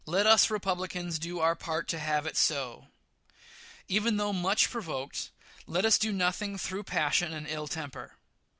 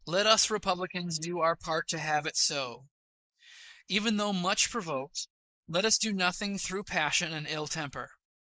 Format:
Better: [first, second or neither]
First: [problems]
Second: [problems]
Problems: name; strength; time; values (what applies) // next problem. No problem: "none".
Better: first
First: none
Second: noise reduction (neural mask model Resemble Enhance denoiser)